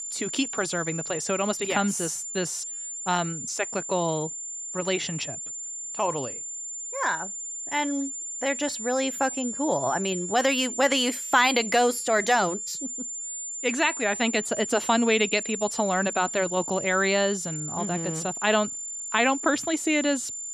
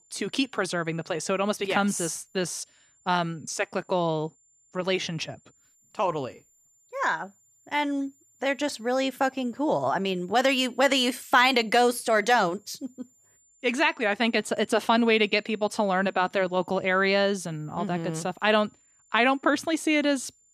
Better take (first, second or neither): second